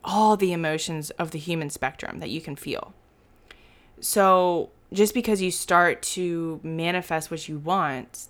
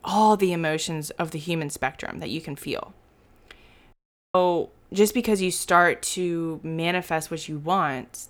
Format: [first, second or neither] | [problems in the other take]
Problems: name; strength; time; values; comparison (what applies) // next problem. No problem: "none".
first | audio cutting out; at 4 s